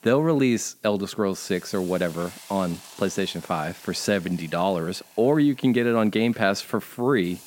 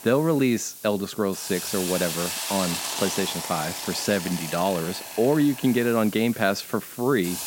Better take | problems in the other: first | hiss; loud; throughout; 6 dB below the speech; faint in the first

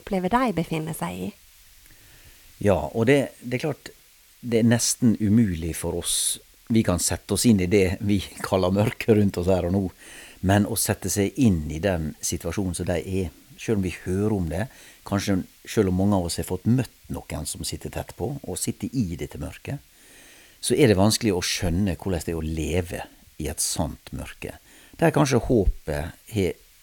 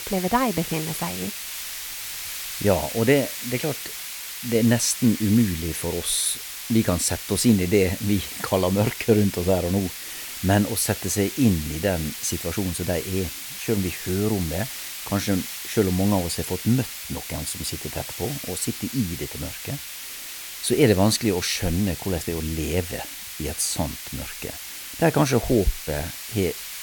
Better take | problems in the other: first | hiss; loud; throughout; 8 dB below the speech; faint in the first

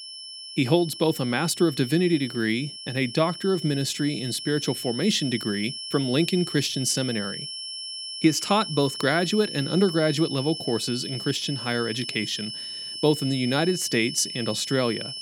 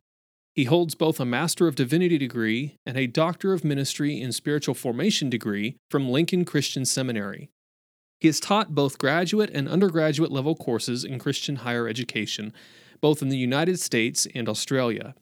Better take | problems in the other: second | high-pitched whine; loud; throughout; 5.5 kHz, 8 dB below the speech

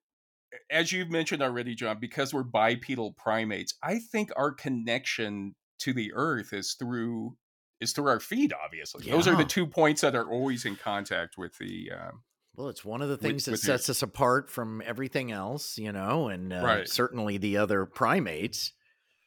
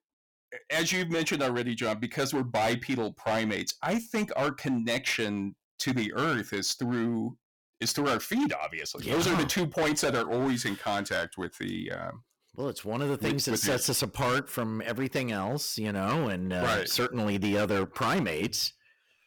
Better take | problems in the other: first | distortion; heavy; 13% of the sound clipped

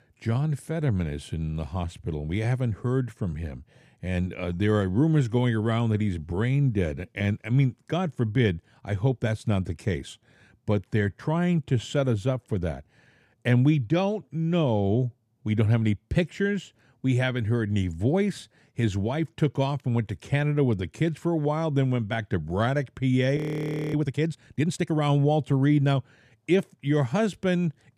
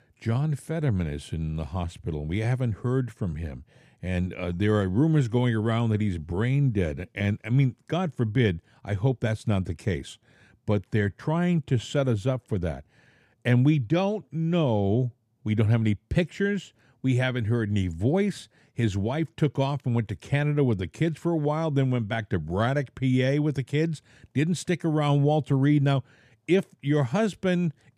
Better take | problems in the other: second | audio freezing; at 23 s for 0.5 s

